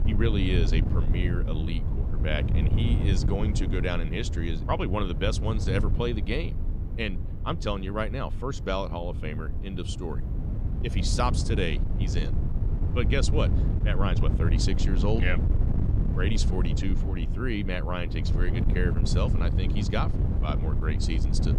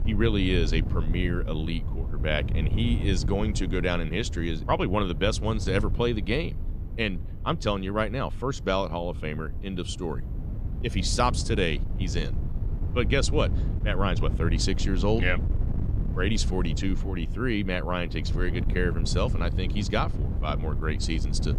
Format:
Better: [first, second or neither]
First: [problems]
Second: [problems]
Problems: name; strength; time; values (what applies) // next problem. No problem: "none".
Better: second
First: wind noise on the microphone; heavy; 8 dB below the speech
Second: wind noise on the microphone; occasional gusts; 15 dB below the speech